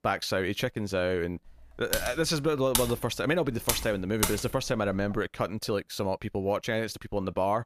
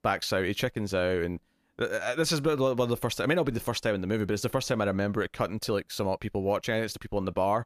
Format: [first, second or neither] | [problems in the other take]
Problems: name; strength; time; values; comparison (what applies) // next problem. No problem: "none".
second | keyboard typing; loud; from 2 to 5 s; peak level with the speech